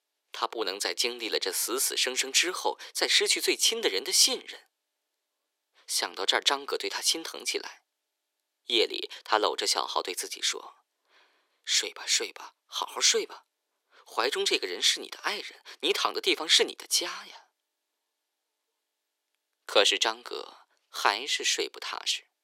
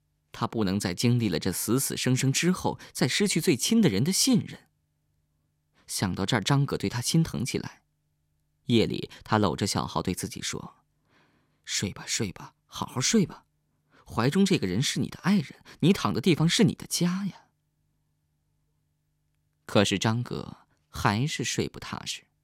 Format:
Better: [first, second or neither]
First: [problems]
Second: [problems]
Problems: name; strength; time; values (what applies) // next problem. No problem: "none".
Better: second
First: thin; very; fading below 400 Hz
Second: none